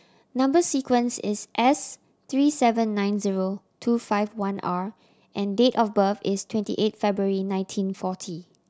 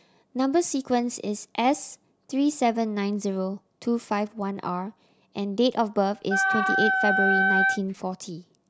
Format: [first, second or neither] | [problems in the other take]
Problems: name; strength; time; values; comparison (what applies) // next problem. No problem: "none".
first | background sound (Wind instrument, woodwind instrument); 4 dB above the speech